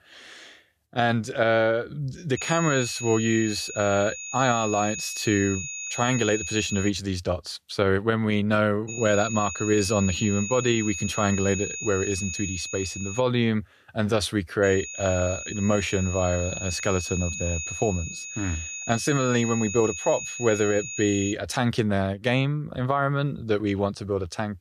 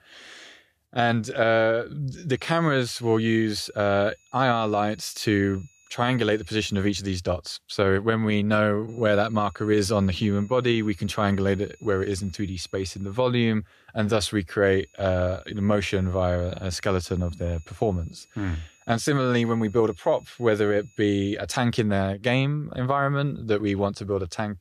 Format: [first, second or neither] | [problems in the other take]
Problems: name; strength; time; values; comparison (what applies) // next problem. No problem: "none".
second | high-pitched whine; loud; from 2.5 to 7 s, from 9 to 13 s and from 15 to 21 s; 6.5 kHz, 7 dB below the speech; faint in the second